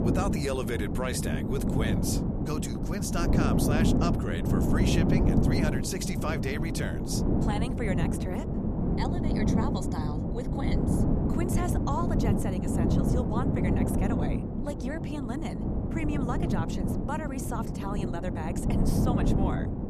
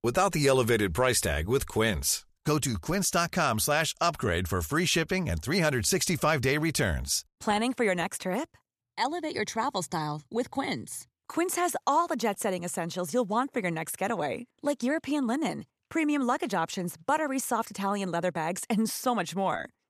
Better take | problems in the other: second | wind noise on the microphone; heavy; 1 dB above the speech

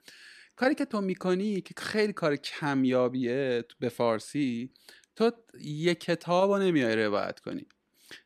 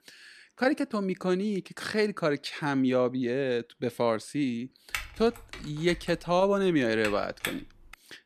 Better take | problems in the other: first | keyboard typing; noticeable; from 5 s on; peak 7 dB below the speech

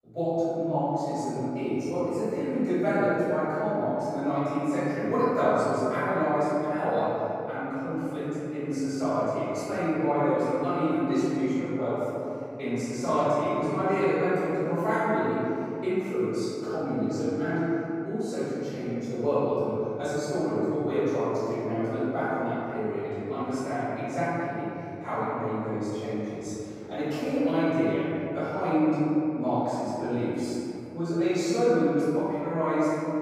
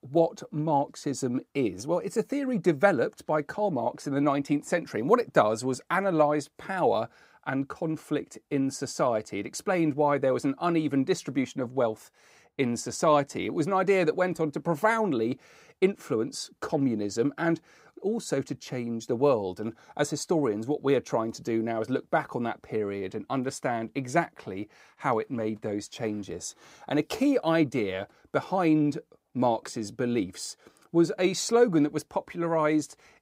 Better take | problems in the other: second | room echo; strong; dies away in 2.7 s // off-mic speech; far

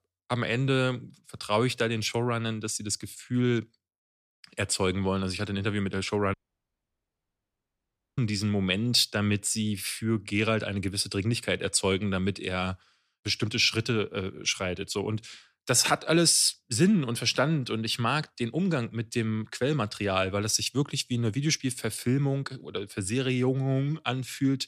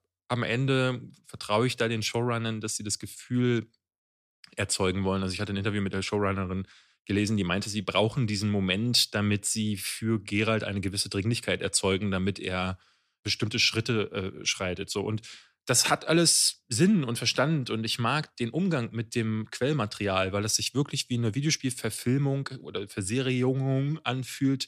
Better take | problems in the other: second | audio cutting out; at 6.5 s for 2 s

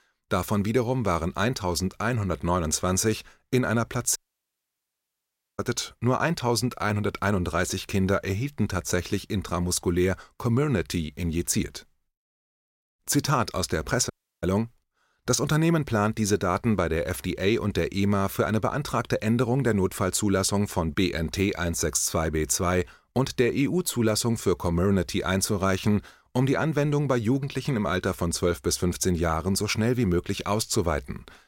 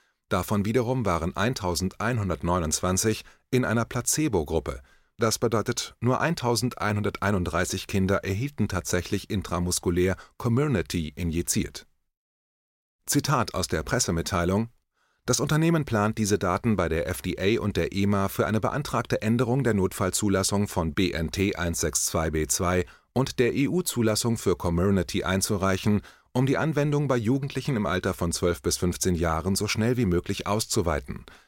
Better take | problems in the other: second | audio cutting out; at 4 s for 1.5 s and at 14 s

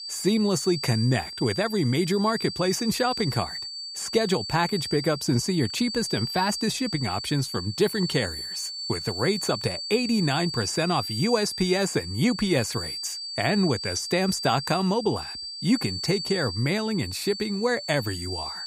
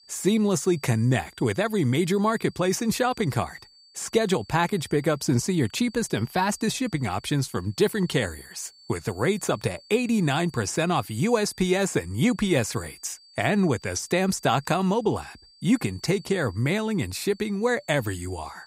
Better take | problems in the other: second | high-pitched whine; loud; throughout; 4.5 kHz, 6 dB below the speech; faint in the second

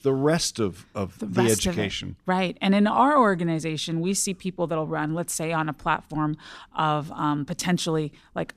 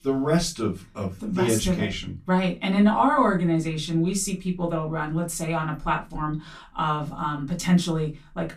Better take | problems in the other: first | off-mic speech; far // room echo; very slight; dies away in 0.2 s

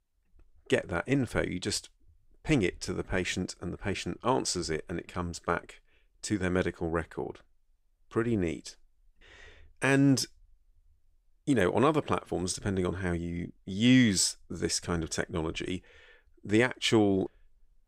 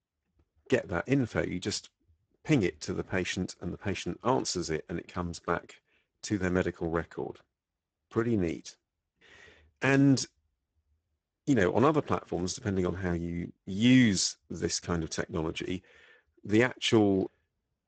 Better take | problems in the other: first | garbled, watery; badly; nothing above 8 kHz

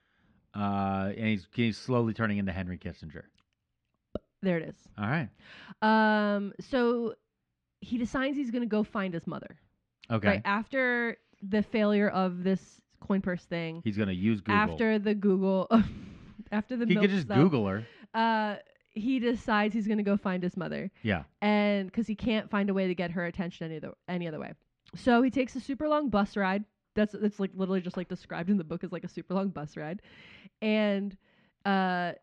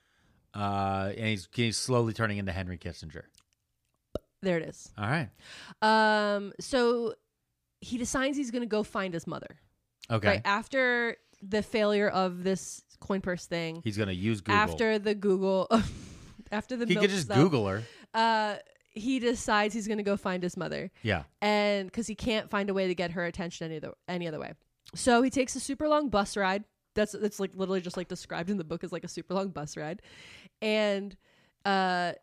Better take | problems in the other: second | muffled; slightly; fading above 2.5 kHz

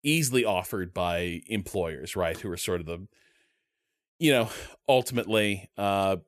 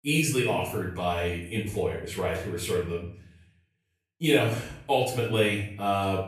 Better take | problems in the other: first | off-mic speech; far // room echo; noticeable; dies away in 0.5 s

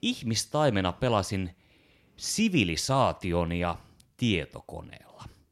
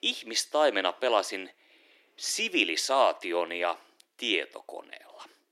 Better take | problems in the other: first | thin; very; fading below 300 Hz

